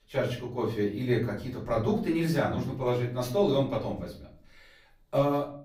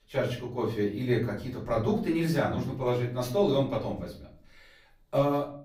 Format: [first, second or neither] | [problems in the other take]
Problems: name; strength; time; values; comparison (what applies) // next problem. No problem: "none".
neither | off-mic speech; far; the same in both // room echo; slight; dies away in 0.5 s; the same in both